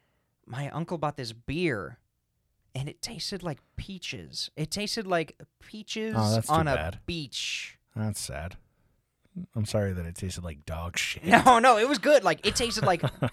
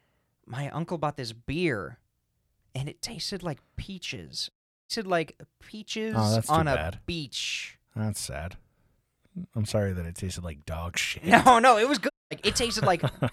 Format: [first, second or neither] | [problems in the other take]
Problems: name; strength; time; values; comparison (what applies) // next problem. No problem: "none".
first | audio cutting out; at 4.5 s and at 12 s